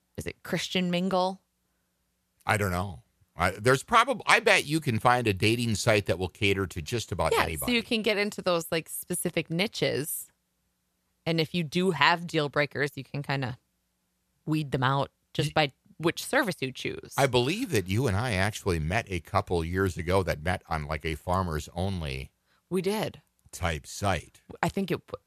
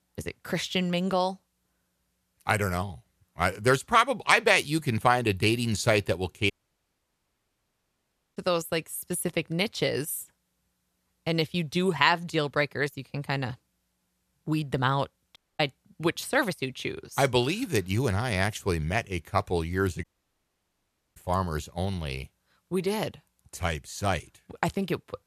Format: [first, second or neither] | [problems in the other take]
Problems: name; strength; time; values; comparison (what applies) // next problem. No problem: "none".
first | audio cutting out; at 6.5 s for 2 s, at 15 s and at 20 s for 1 s